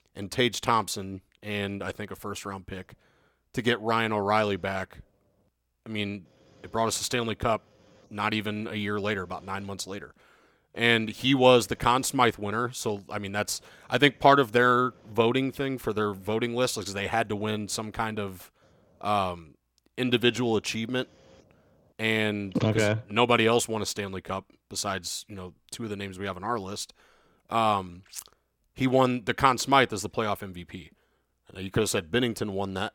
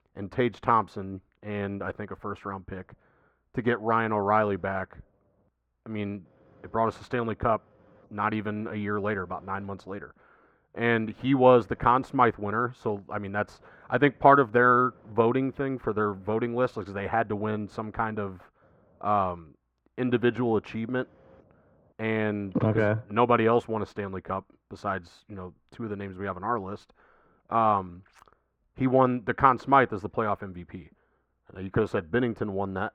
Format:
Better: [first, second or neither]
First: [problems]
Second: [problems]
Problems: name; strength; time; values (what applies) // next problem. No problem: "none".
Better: first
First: none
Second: muffled; very; fading above 3 kHz